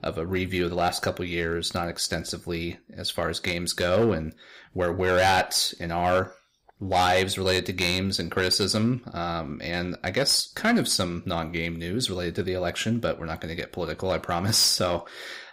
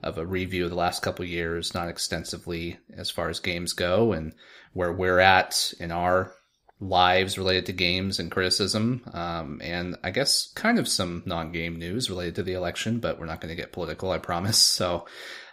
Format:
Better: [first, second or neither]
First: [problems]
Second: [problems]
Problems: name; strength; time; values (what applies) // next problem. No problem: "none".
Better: second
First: distortion; slight; 3% of the sound clipped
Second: none